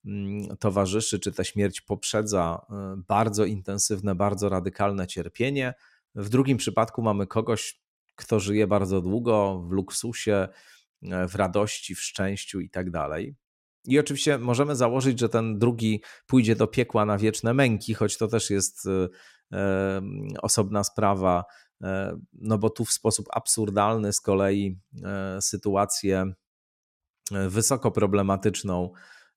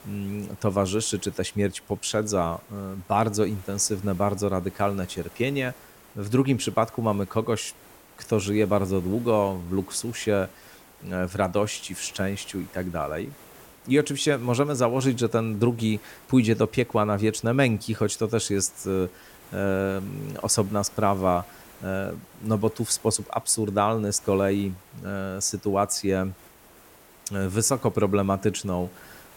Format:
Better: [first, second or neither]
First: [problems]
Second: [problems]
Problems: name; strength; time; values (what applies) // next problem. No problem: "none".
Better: first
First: none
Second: hiss; faint; throughout; 25 dB below the speech